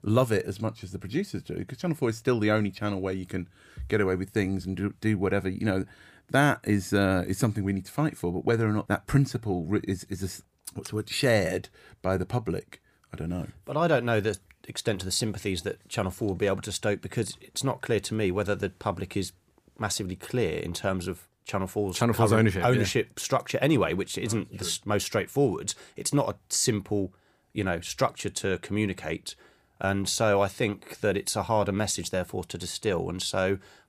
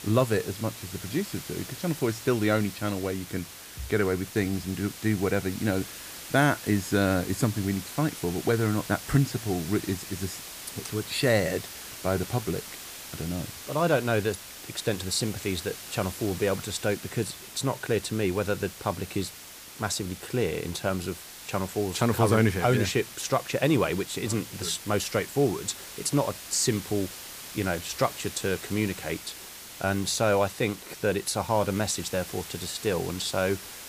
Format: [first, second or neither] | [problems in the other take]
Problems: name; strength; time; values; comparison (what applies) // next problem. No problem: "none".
first | hiss; noticeable; throughout; 10 dB below the speech